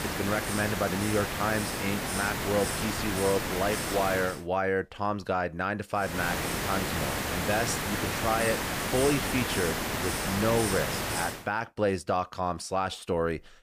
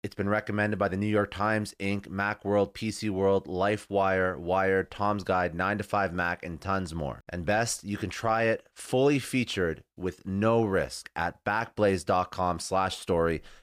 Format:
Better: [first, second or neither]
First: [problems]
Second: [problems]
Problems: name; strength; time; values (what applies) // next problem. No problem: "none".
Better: second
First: hiss; loud; until 4.5 s and from 6 to 11 s; as loud as the speech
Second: none